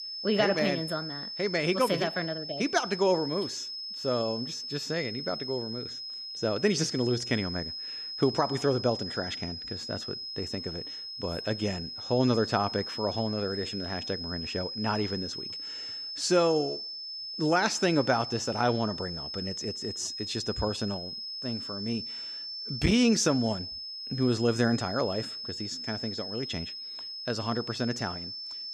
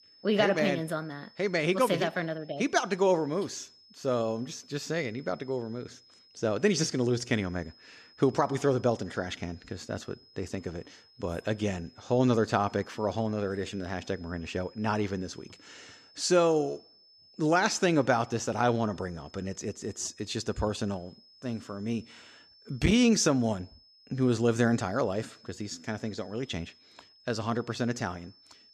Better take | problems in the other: second | high-pitched whine; loud; throughout; 5 kHz, 6 dB below the speech; faint in the second

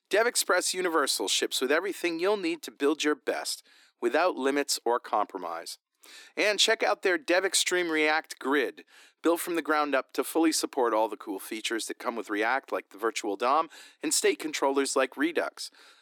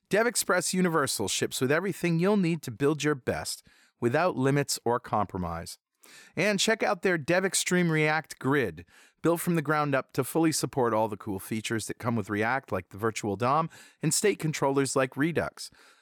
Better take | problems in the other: second | thin; somewhat; fading below 300 Hz

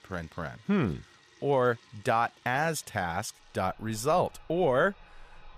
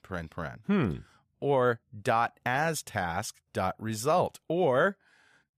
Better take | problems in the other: second | household noises; faint; throughout; 25 dB below the speech

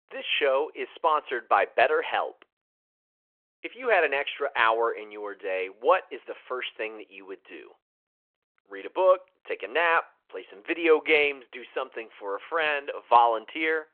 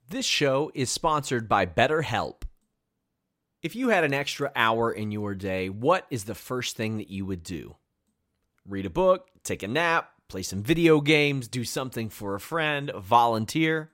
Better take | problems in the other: second | phone-call audio

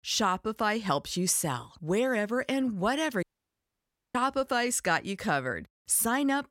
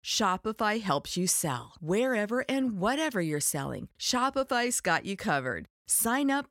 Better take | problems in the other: second | audio cutting out; at 3 s for 1 s

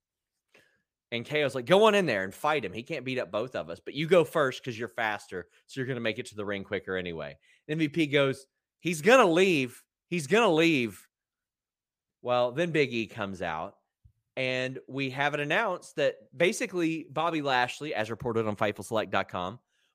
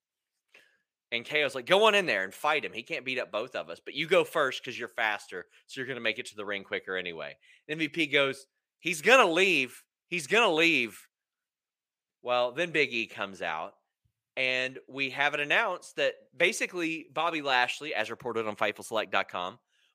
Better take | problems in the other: first | thin; very slightly; fading below 500 Hz

